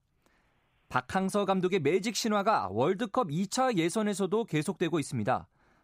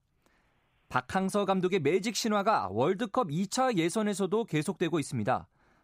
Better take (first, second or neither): neither